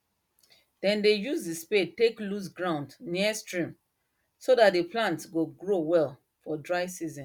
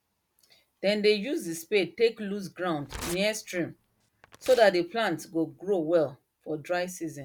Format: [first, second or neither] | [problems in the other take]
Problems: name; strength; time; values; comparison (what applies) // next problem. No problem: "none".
first | background sound (Tearing); 18 dB below the speech